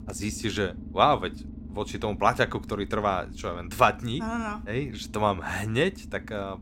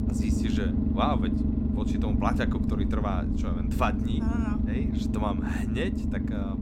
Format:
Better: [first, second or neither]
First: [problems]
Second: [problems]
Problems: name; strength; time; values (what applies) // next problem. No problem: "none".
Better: first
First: low rumble; faint; throughout; 25 dB below the speech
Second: low rumble; loud; throughout; 1 dB below the speech